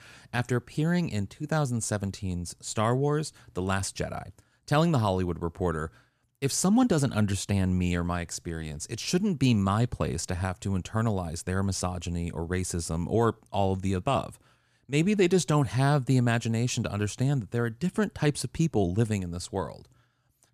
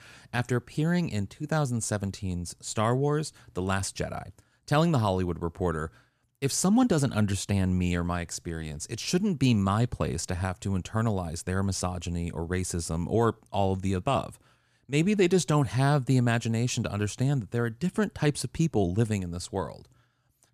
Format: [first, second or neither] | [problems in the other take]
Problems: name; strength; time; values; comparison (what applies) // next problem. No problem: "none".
neither | none